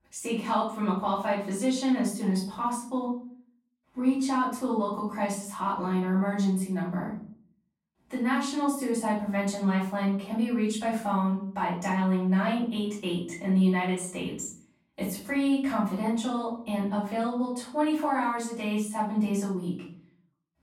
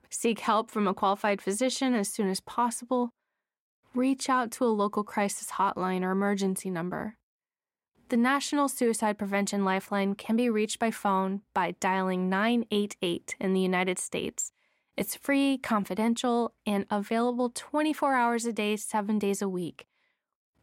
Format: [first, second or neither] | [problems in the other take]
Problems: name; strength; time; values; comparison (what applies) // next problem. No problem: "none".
second | off-mic speech; far // room echo; noticeable; dies away in 0.6 s